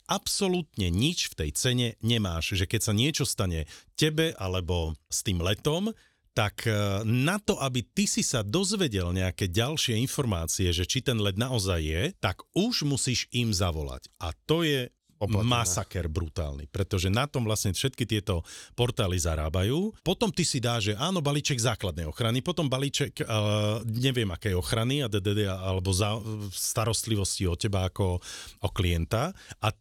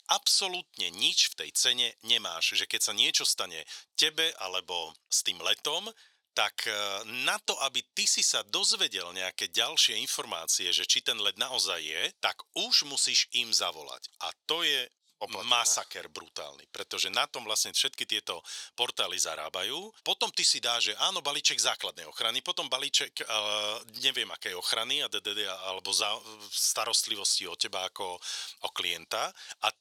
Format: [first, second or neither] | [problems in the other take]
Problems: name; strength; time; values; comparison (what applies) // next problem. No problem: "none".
first | thin; very; fading below 700 Hz